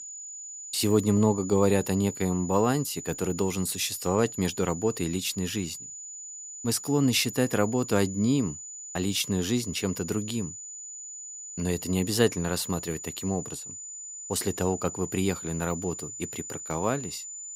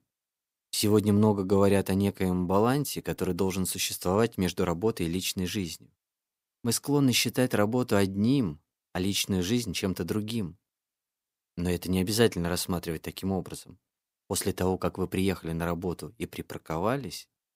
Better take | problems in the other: second | high-pitched whine; loud; throughout; 7 kHz, 10 dB below the speech

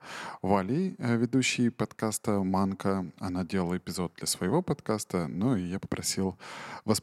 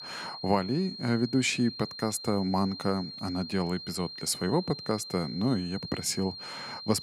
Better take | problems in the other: first | high-pitched whine; loud; throughout; 4 kHz, 10 dB below the speech

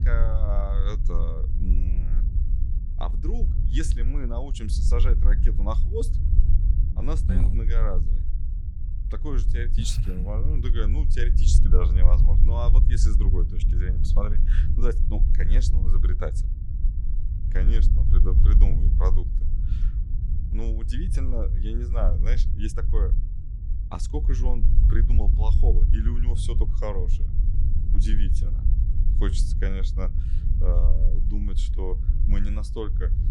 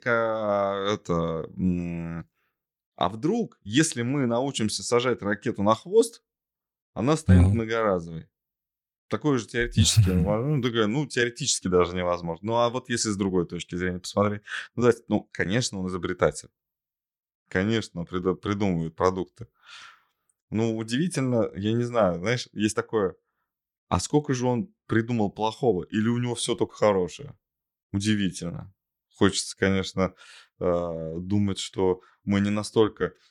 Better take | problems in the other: second | low rumble; loud; throughout; 7 dB below the speech

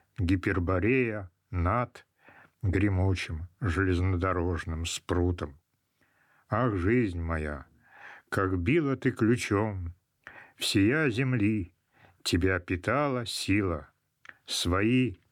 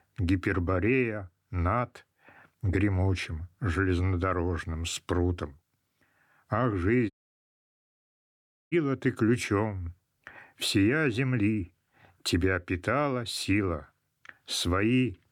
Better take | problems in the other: first | audio cutting out; at 7 s for 1.5 s

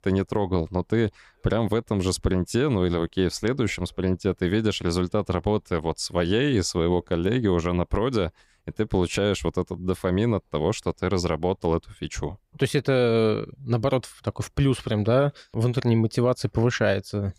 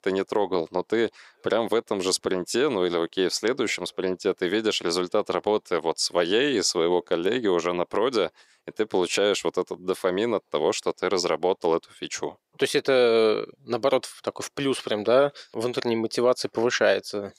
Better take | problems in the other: first | thin; somewhat; fading below 400 Hz

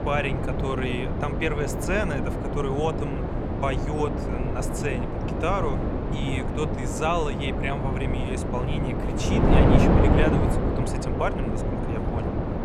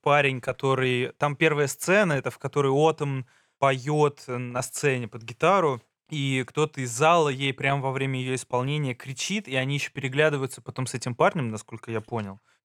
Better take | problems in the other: second | wind noise on the microphone; heavy; as loud as the speech

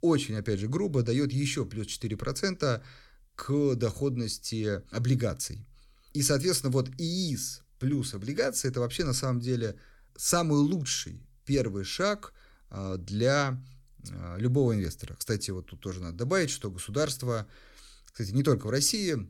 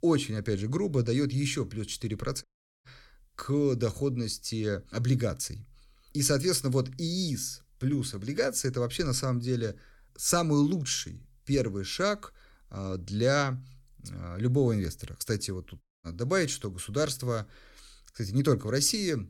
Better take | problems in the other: first | audio cutting out; at 2.5 s and at 16 s

